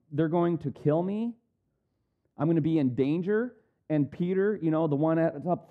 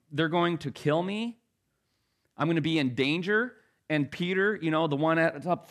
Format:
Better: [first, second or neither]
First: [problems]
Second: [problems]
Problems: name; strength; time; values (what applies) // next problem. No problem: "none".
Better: second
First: muffled; slightly; fading above 1 kHz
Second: none